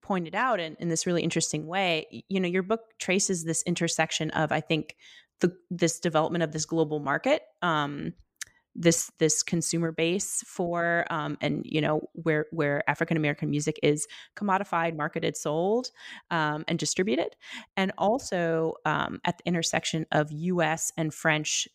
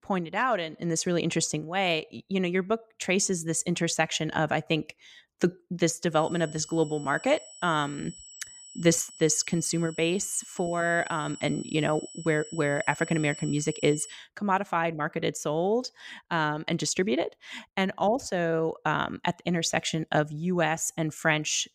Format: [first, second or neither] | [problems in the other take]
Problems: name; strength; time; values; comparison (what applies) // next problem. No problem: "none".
first | high-pitched whine; noticeable; from 6 to 14 s; 8 kHz, 15 dB below the speech